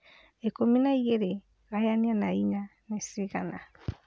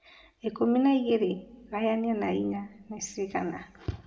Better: first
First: none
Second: room echo; dies away in 0.7 s

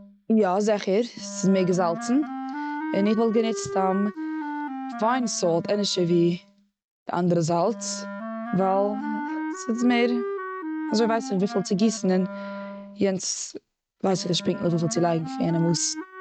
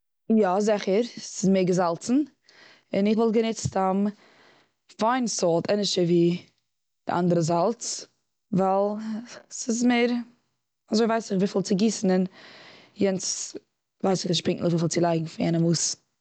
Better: second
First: noise reduction (neural mask model RNNoise)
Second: none

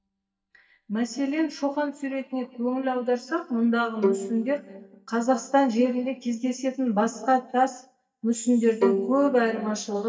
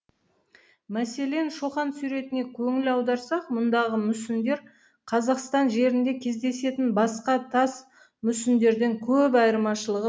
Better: second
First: noise reduction (neural mask model DeepFilterNet 3)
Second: none

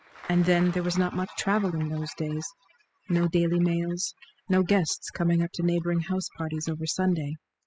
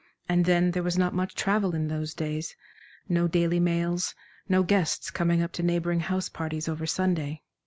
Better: second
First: noise reduction (classical method spectral subtraction)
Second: none

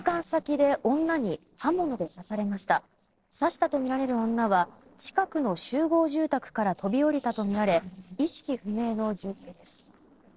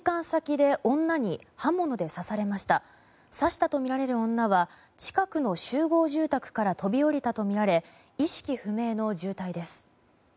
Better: second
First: noise reduction (neural separator model SepFormer DNS4)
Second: none

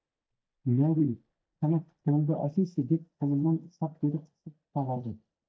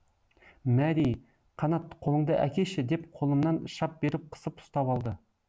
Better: second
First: noise reduction (neural mask model DeepFilterNet 3)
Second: none

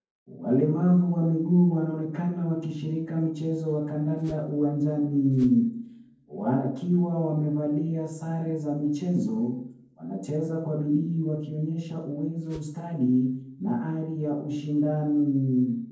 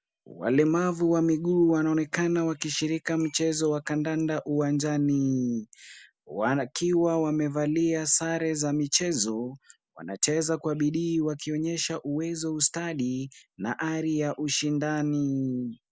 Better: second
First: noise reduction (neural separator model SepFormer DNS4)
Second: none

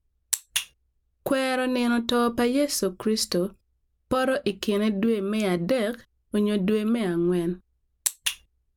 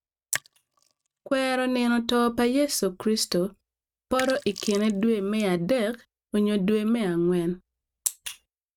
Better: first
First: none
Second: noise reduction (neural mask model RNNoise)

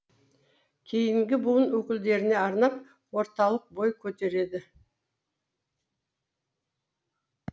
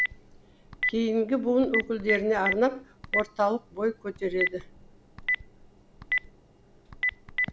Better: first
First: none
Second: background sound (Telephone); 4 dB below the speech

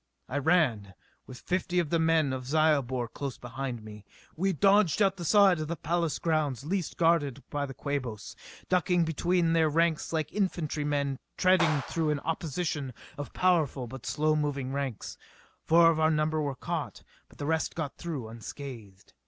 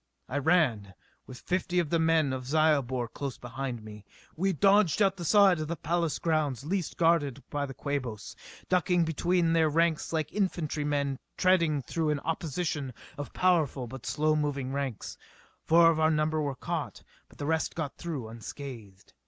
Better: second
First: background sound (Clapping); 9 dB below the speech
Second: none

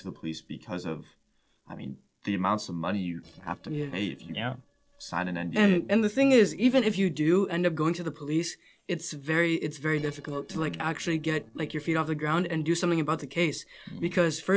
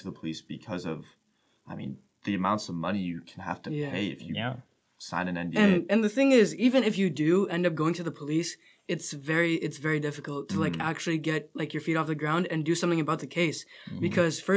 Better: second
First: noise reduction (neural separator model SepFormer DNS4)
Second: none

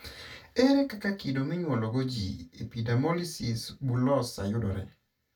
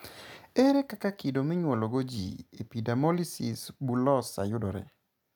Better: second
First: room echo; dies away in 0.2 s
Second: none

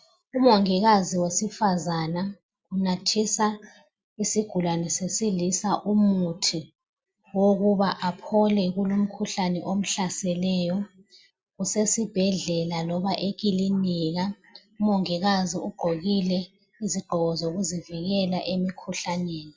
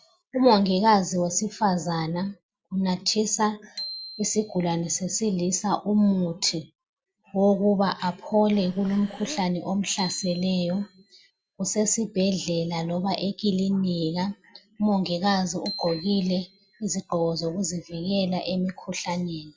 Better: first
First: none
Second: background sound (Bicycle bell + Breathing); 18 dB below the speech

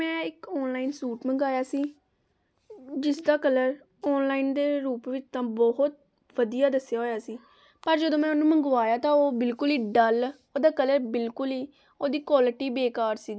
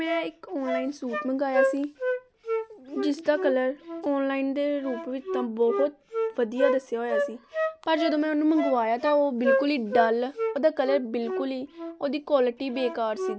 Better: first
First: none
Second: background sound (Wind instrument, woodwind instrument); 4 dB below the speech

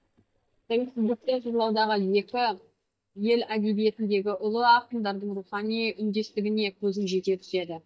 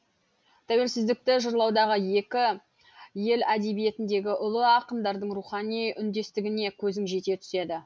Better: second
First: noise reduction (neural mask model DeepFilterNet 3)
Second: none

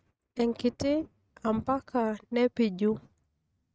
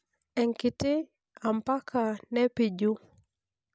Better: second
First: noise reduction (neural mask model RNNoise)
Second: none

